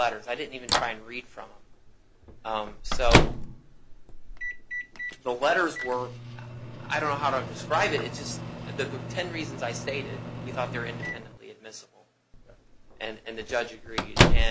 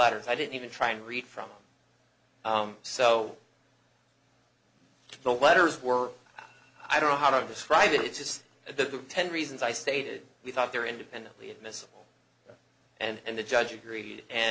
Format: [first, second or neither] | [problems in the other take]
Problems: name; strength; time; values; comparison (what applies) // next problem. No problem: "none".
second | background sound (Microwave oven); 3 dB above the speech